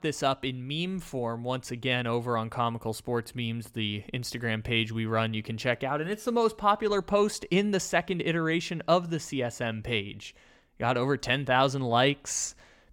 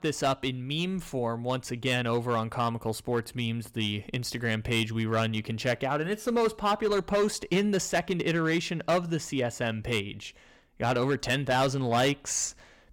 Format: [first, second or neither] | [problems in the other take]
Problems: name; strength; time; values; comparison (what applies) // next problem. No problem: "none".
first | distortion; slight; 5% of the sound clipped